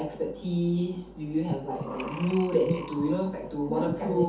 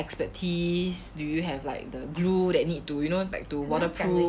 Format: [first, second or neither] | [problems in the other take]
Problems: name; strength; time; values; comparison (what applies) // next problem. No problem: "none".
second | background sound (Breathing); 11 dB below the speech // room echo; dies away in 0.5 s